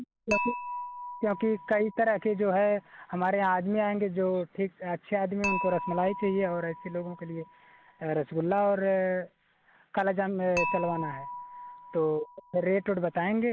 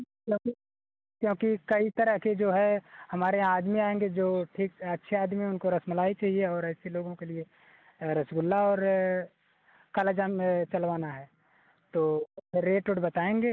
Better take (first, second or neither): second